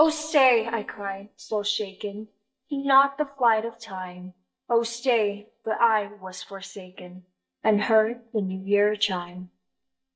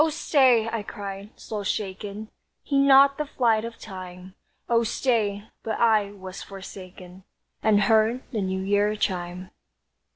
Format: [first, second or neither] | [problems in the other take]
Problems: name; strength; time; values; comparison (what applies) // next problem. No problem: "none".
second | noise reduction (neural mask model DeepFilterNet 3)